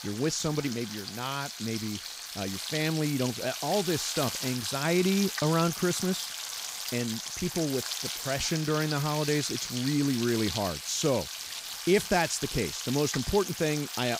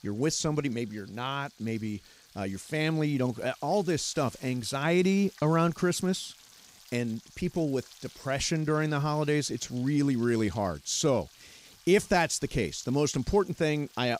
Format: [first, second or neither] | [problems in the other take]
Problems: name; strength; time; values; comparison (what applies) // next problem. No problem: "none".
second | household noises; loud; throughout; 5 dB below the speech; faint in the second